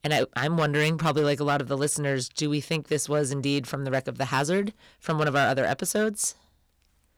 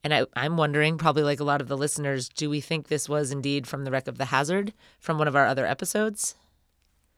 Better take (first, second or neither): second